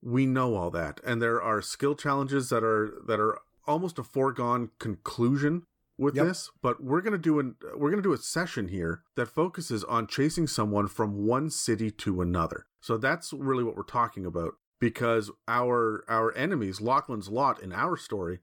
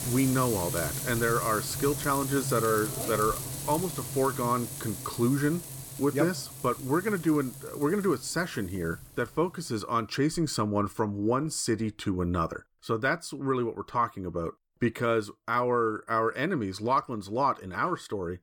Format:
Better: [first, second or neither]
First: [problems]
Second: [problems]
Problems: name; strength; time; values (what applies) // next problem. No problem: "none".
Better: first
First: none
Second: household noises; loud; throughout; 6 dB below the speech